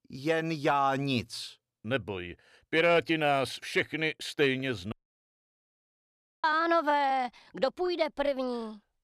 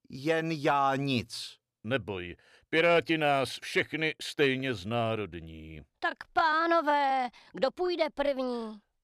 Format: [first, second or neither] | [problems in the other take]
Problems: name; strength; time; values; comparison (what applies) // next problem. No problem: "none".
second | audio cutting out; at 5 s for 1.5 s